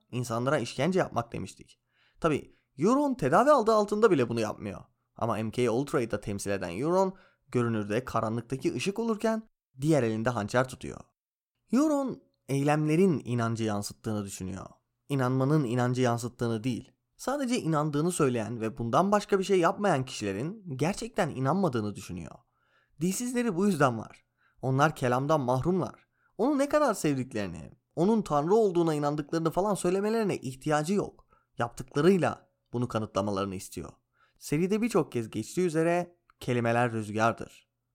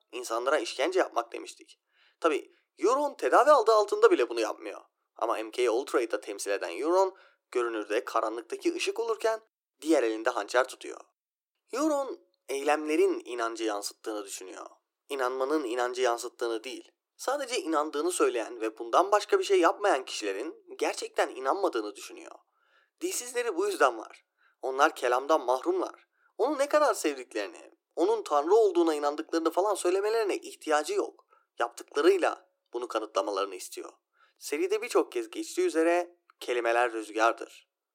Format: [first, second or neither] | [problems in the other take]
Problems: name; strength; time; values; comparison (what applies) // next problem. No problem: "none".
first | thin; very; fading below 300 Hz